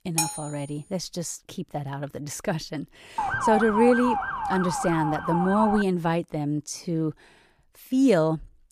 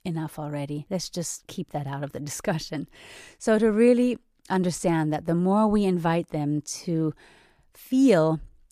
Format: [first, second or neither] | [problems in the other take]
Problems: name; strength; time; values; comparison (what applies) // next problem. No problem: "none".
second | clattering dishes; noticeable; at the start; peak 1 dB below the speech // siren; loud; from 3 to 6 s; peak 2 dB above the speech